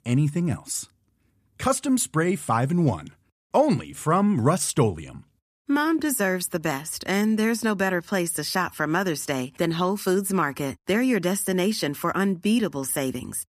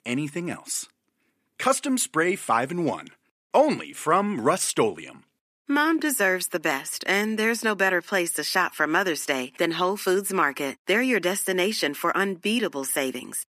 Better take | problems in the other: first | thin; somewhat; fading below 350 Hz

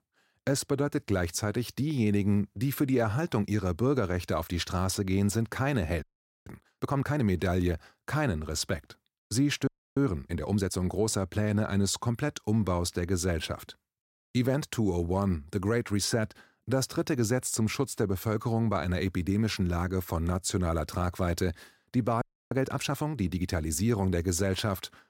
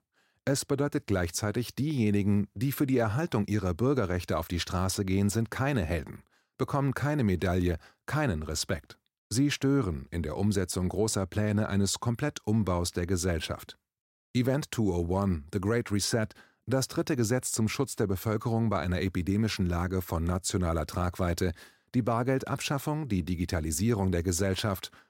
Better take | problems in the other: second | audio freezing; at 6 s, at 9.5 s and at 22 s

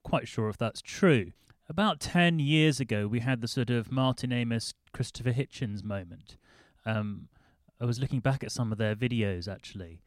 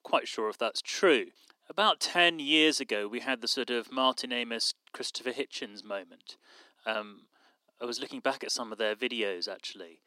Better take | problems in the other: first | thin; very; fading below 300 Hz

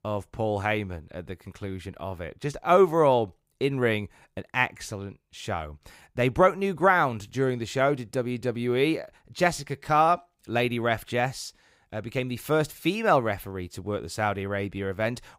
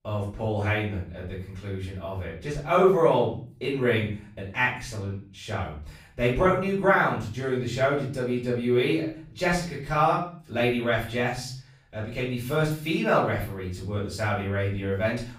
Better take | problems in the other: first | room echo; noticeable; dies away in 0.4 s // off-mic speech; far

